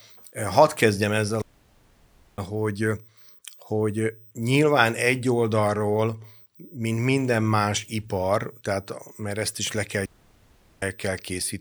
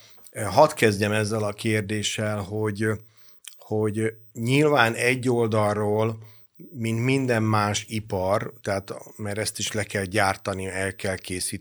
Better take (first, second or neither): second